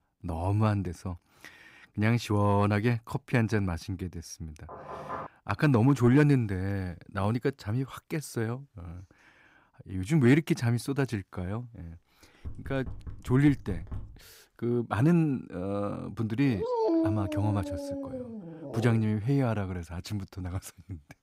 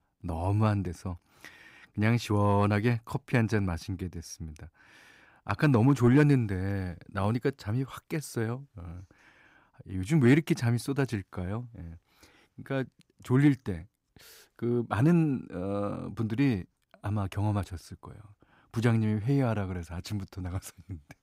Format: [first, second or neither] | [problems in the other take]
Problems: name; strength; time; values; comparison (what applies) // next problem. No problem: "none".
second | door banging; noticeable; at 4.5 s; peak 10 dB below the speech // door banging; faint; from 12 to 14 s; peak 15 dB below the speech // dog barking; loud; from 16 to 19 s; peak 2 dB above the speech